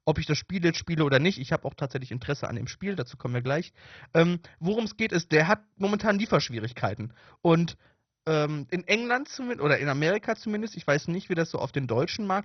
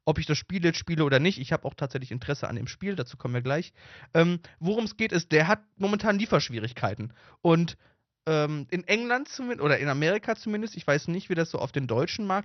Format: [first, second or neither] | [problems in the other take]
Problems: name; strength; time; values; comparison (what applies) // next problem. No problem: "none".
second | garbled, watery; badly; nothing above 6 kHz; slightly in the second